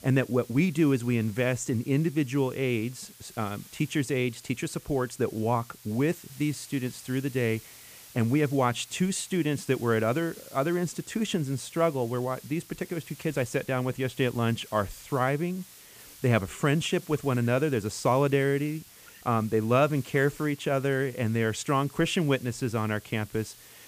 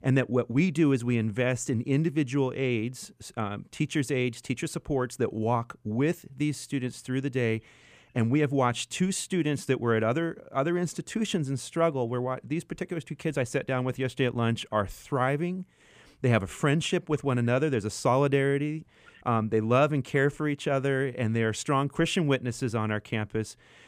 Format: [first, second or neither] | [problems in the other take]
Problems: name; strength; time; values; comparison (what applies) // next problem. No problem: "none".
second | hiss; noticeable; throughout; 20 dB below the speech